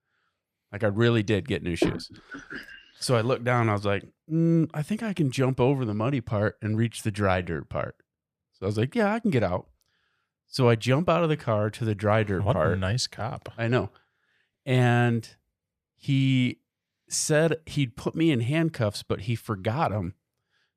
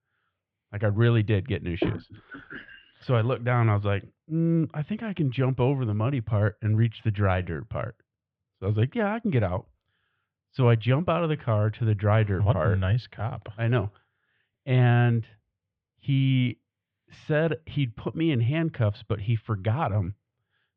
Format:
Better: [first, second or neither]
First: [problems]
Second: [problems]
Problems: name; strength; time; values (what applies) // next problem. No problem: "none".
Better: first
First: none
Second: muffled; very; fading above 3.5 kHz